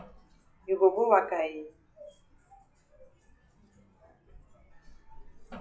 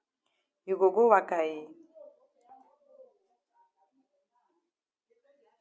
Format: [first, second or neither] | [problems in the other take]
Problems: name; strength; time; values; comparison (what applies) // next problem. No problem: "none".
second | noise reduction (classical method WPE with log-MMSE)